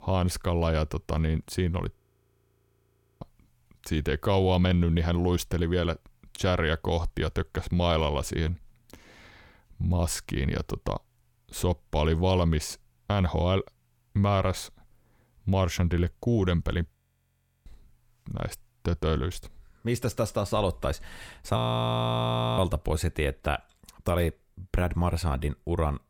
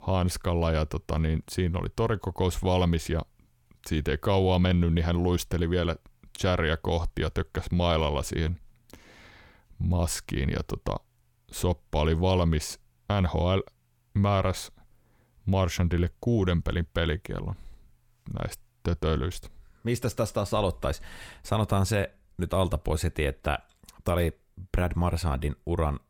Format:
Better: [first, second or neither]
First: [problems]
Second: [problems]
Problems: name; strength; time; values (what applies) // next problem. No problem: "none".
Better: second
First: audio freezing; at 2 s for 1.5 s, at 17 s for 0.5 s and at 22 s for 1 s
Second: none